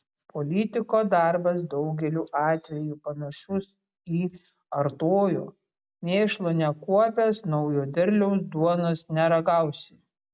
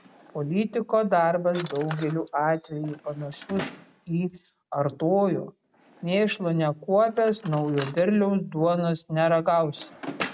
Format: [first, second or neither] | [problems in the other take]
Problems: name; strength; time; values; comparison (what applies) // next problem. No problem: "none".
first | background sound (Drawer open or close); 17 dB below the speech